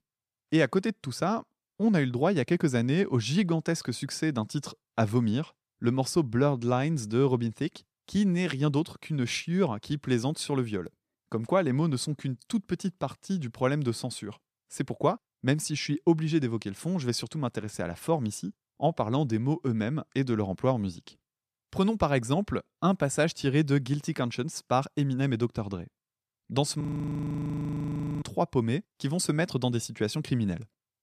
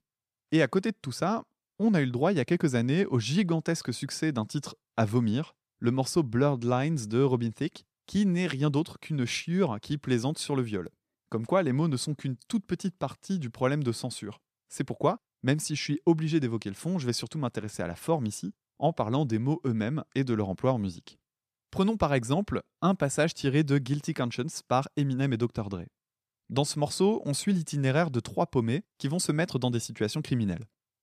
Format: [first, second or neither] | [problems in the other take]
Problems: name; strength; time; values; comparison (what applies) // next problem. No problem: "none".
second | audio freezing; at 27 s for 1.5 s